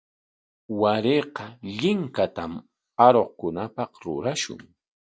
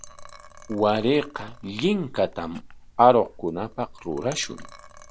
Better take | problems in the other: first | background sound (Liquid); 18 dB below the speech

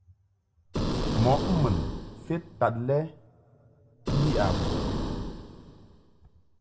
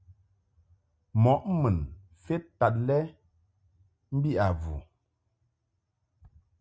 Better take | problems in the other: second | background sound (Boom); as loud as the speech // room echo; dies away in 1.8 s

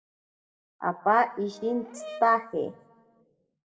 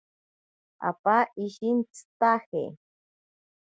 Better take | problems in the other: second | background sound (Brass instrument); 16 dB below the speech // room echo; dies away in 0.7 s

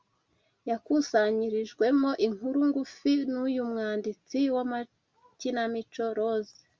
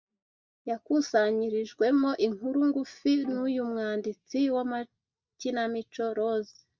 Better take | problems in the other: first | noise reduction (neural mask model DeepFilterNet 3)

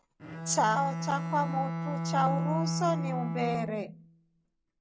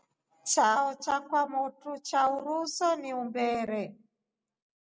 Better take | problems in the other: second | background sound (Bowed string instrument); 2 dB below the speech

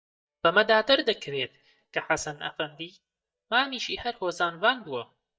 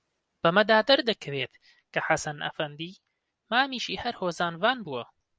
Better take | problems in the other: second | noise reduction (neural mask model DeepFilterNet 3)

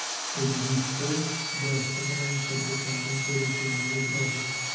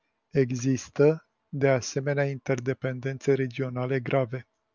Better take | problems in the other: second | background sound (Sawing); as loud as the speech // room echo; dies away in 1.2 s

